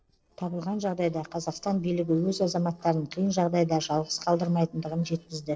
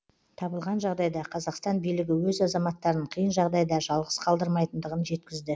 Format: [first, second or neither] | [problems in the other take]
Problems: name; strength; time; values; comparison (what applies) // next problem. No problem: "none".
second | noise reduction (neural separator model SepFormer DNS4)